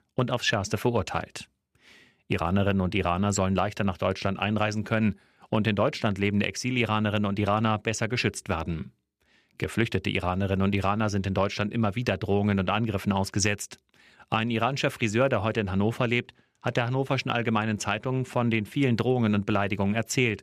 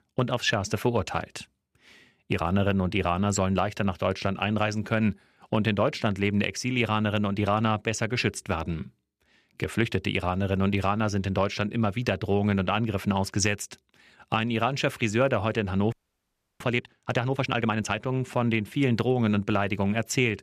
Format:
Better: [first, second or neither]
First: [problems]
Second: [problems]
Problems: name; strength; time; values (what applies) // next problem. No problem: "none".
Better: first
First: none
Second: audio freezing; at 16 s for 0.5 s